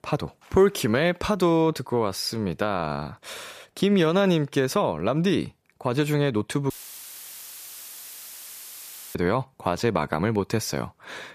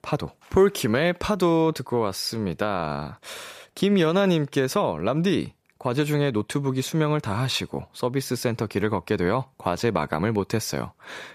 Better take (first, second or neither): second